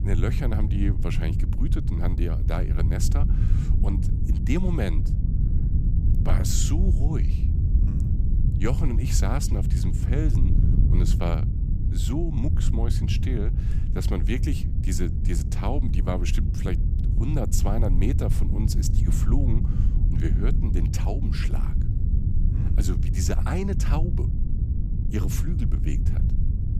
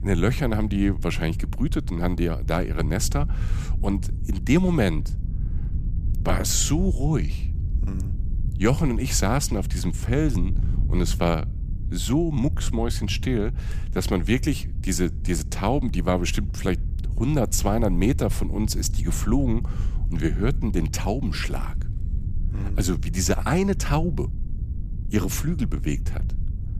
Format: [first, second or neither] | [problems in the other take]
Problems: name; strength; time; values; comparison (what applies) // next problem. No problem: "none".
second | wind noise on the microphone; heavy; 5 dB below the speech; occasional gusts in the second